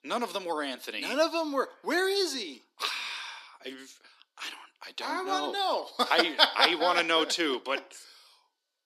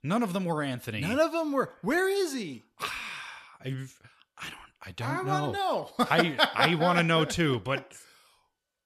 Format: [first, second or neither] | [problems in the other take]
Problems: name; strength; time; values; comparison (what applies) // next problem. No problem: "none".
second | thin; somewhat; fading below 300 Hz